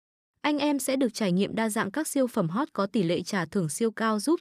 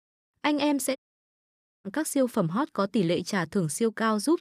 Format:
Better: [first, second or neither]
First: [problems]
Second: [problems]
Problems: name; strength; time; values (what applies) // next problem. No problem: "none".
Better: first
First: none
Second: audio cutting out; at 1 s for 1 s